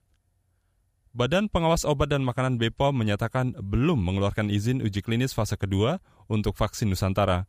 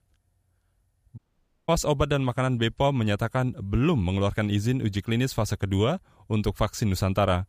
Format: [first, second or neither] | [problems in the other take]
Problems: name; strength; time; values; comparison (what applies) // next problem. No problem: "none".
first | audio cutting out; at 1 s for 0.5 s